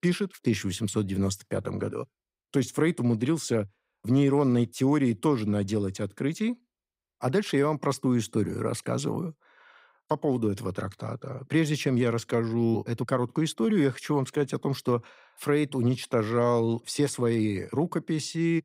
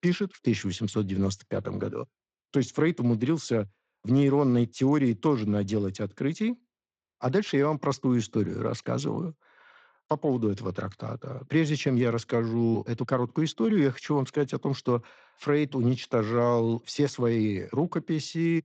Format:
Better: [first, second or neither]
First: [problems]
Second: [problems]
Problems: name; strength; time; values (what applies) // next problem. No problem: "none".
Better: first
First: none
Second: garbled, watery; slightly; nothing above 7.5 kHz